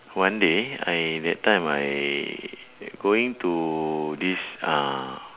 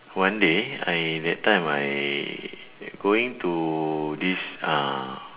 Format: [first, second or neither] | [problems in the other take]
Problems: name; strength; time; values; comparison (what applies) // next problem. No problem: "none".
first | room echo; dies away in 2.7 s